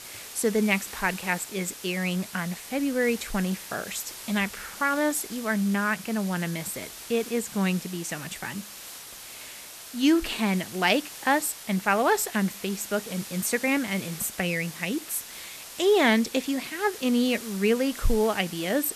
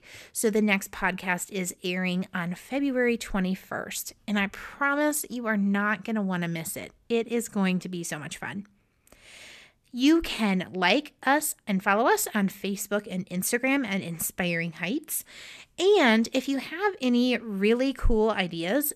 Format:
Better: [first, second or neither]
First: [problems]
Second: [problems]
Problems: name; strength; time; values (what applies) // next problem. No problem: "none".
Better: second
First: hiss; noticeable; throughout; 10 dB below the speech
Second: none